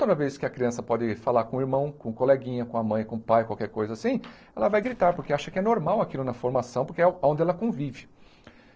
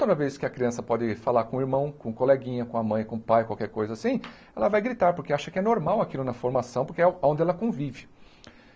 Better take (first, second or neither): second